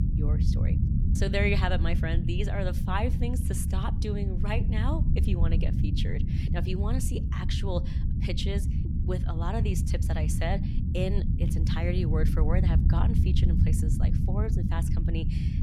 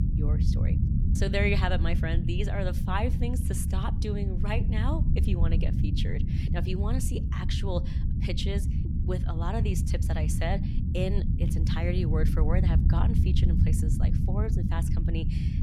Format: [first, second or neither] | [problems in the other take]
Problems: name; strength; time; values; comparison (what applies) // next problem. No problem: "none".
neither | low rumble; loud; throughout; 5 dB below the speech; the same in both